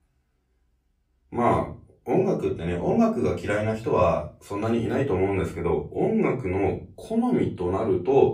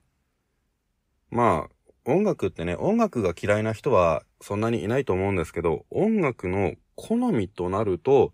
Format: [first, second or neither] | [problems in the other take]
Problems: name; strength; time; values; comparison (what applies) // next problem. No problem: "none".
second | off-mic speech; far // room echo; slight; dies away in 0.3 s